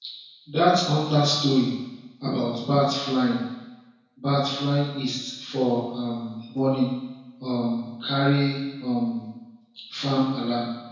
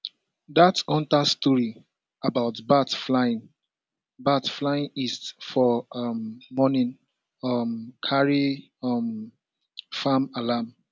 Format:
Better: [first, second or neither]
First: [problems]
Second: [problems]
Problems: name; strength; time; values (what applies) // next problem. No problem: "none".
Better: second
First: room echo; dies away in 1 s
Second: none